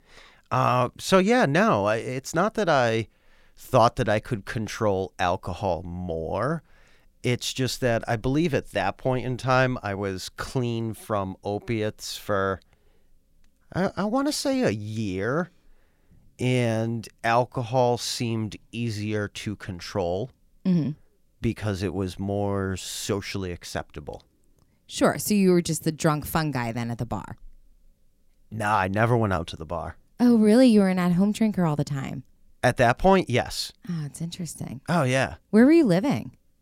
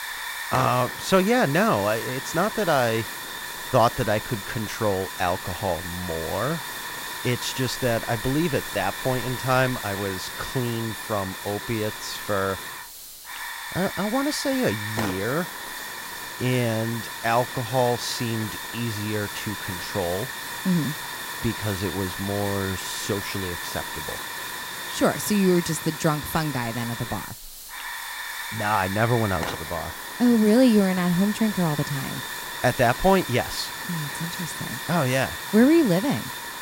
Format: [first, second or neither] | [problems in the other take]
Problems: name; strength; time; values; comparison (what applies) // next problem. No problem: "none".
first | hiss; loud; throughout; 7 dB below the speech